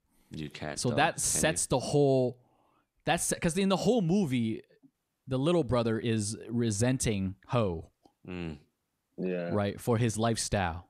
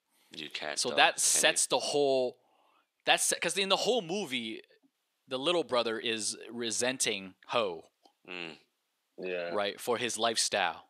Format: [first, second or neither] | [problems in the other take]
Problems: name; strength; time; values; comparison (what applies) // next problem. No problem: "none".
first | thin; somewhat; fading below 450 Hz